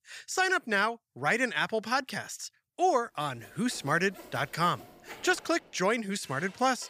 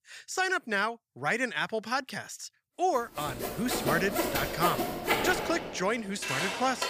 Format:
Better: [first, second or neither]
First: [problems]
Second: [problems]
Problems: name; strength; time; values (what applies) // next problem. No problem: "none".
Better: first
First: machinery noise; faint; from 3.5 s on; 20 dB below the speech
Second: machinery noise; loud; from 3.5 s on; 1 dB below the speech